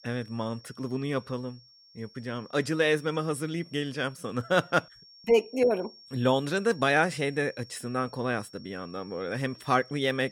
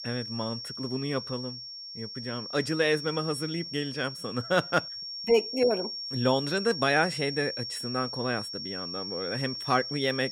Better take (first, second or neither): first